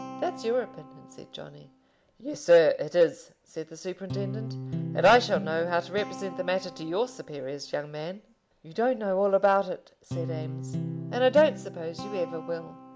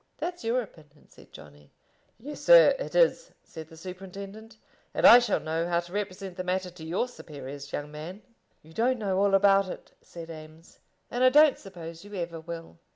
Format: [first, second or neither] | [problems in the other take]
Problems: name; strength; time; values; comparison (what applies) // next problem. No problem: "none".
second | background sound (Guitar); 11 dB below the speech